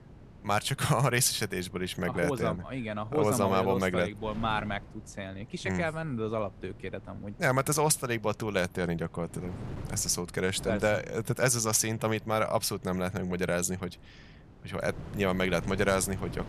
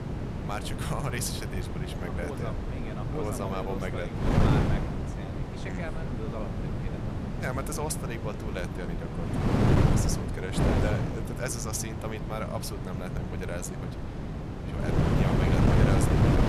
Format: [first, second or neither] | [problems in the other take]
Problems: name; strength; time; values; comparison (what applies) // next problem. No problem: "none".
first | wind noise on the microphone; heavy; 2 dB above the speech; occasional gusts in the first